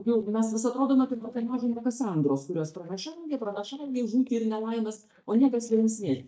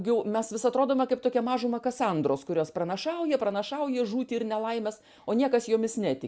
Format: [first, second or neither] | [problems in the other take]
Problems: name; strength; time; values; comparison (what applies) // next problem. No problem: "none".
second | noise reduction (neural mask model DeepFilterNet 3)